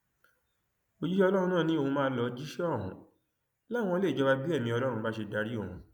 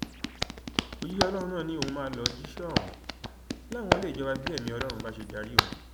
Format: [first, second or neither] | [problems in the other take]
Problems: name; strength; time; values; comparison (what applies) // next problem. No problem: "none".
first | background sound (Hands); 3 dB above the speech